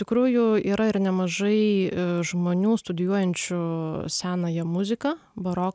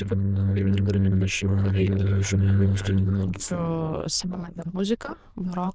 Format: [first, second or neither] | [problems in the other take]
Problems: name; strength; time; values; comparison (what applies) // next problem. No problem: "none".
first | noise reduction (neural diffusion model UNIVERSE++)